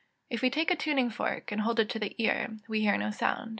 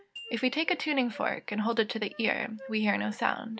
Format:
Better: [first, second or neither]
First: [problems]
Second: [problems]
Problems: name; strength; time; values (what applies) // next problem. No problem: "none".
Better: first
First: none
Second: background sound (Wind instrument, woodwind instrument + Glockenspiel); 20 dB below the speech